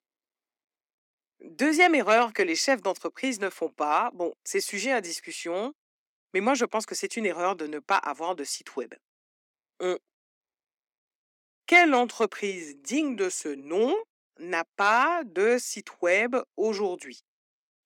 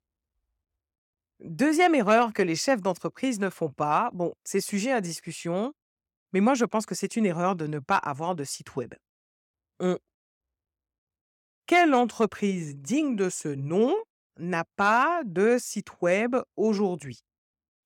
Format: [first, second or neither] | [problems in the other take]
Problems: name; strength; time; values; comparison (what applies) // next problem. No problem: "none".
second | thin; very slightly; fading below 250 Hz